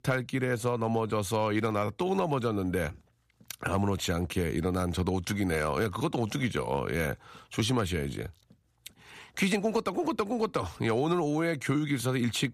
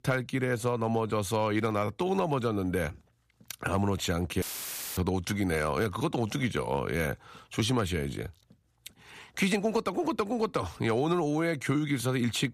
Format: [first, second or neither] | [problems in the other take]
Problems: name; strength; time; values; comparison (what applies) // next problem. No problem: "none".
first | audio cutting out; filled with static; at 4.5 s for 0.5 s